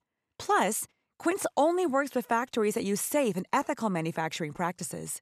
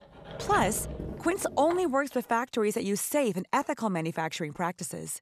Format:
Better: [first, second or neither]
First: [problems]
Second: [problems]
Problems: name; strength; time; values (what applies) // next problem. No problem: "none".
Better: first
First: none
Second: door banging; noticeable; until 2 s; peak 7 dB below the speech